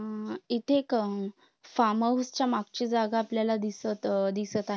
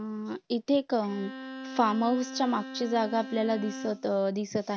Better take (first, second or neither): first